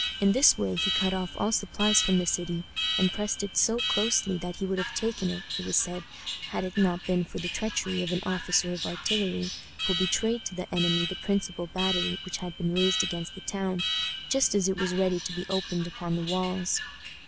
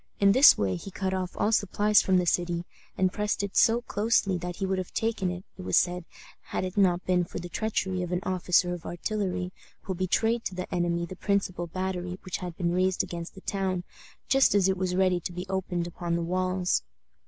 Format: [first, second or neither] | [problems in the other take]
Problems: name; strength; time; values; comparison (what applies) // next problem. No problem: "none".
second | background sound (Alarm); 6 dB below the speech